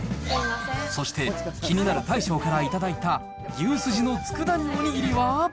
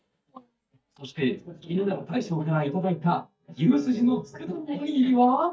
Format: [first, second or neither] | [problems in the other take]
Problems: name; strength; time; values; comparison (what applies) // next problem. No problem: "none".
first | noise reduction (neural mask model DeepFilterNet 3)